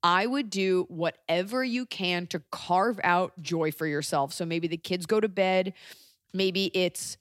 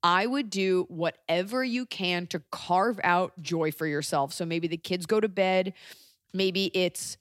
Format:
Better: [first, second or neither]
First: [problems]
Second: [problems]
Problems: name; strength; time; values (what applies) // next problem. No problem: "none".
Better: neither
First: none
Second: none